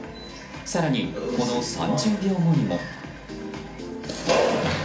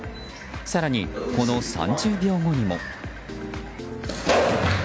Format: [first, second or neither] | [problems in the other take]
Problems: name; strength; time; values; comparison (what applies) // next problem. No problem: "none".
second | room echo; dies away in 0.4 s